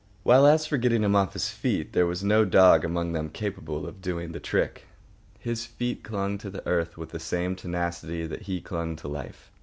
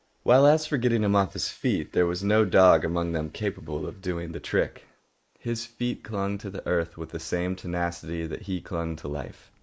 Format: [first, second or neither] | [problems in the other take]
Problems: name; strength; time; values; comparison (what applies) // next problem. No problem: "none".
first | noise reduction (neural mask model Resemble Enhance denoiser)